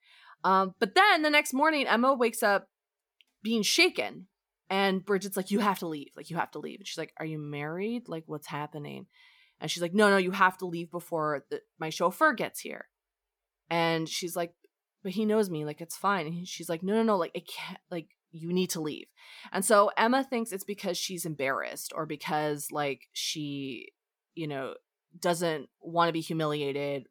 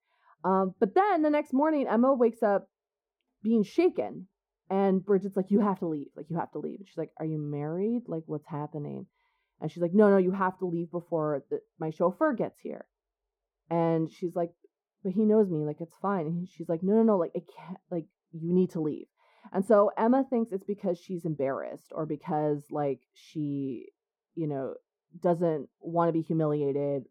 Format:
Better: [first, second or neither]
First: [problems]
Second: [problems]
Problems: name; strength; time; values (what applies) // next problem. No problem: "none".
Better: first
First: none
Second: muffled; very; fading above 1.5 kHz